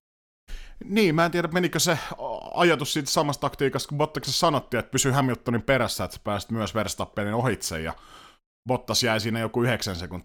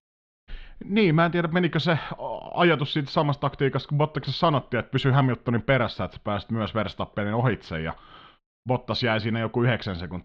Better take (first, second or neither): first